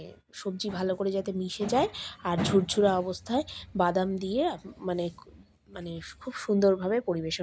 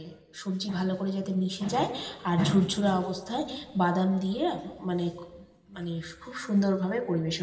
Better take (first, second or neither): first